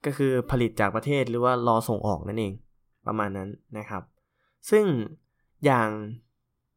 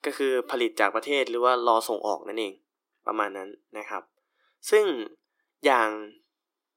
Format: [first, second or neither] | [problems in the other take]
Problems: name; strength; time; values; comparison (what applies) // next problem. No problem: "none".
first | thin; somewhat; fading below 300 Hz